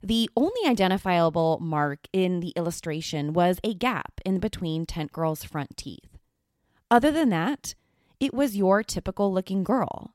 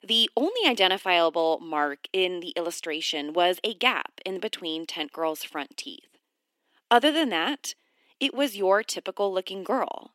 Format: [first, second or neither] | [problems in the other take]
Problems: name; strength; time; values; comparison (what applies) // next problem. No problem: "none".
first | thin; somewhat; fading below 300 Hz